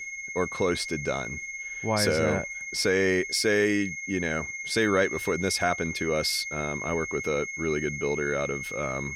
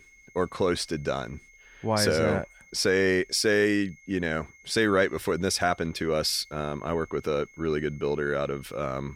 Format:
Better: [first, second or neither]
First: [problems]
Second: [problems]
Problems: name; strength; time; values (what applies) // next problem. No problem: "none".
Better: second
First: high-pitched whine; loud; throughout; 2 kHz, 6 dB below the speech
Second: high-pitched whine; faint; throughout; 2 kHz, 25 dB below the speech